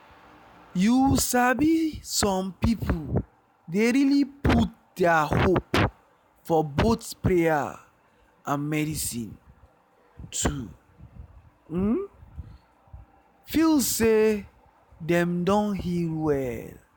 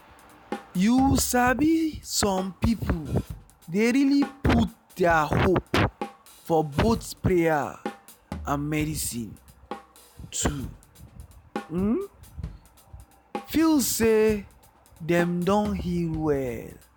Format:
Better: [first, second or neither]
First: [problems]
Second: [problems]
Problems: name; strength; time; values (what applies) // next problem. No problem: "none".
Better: first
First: none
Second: background sound (Drum kit); 16 dB below the speech